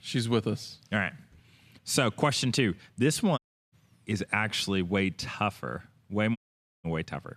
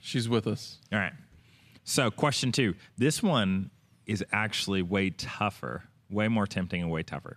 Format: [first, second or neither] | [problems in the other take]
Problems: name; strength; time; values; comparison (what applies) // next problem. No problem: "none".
second | audio cutting out; at 3.5 s and at 6.5 s